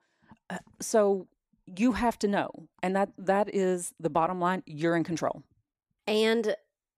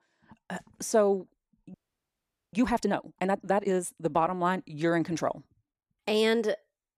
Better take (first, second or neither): first